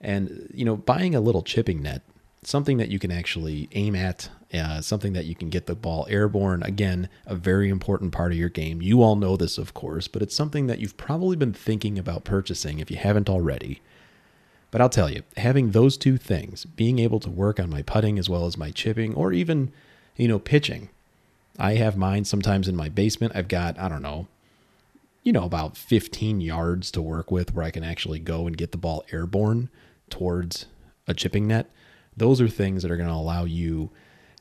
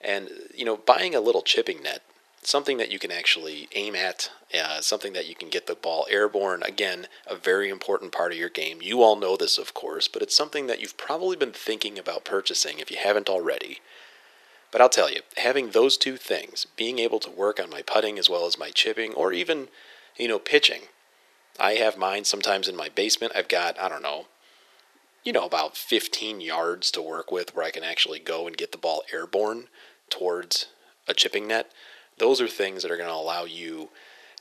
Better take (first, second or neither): first